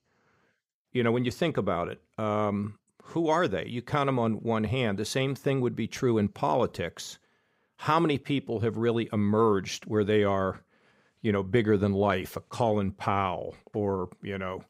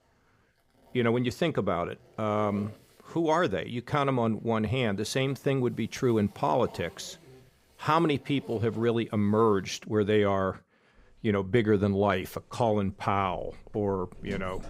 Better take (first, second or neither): first